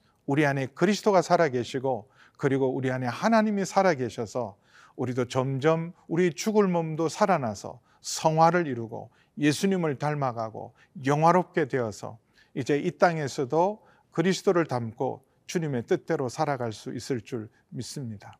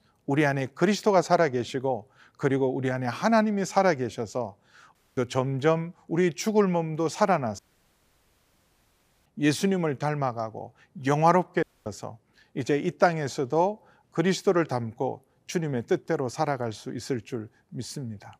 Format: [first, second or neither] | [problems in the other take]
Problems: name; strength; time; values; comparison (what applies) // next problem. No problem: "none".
first | audio cutting out; at 5 s, at 7.5 s for 1.5 s and at 12 s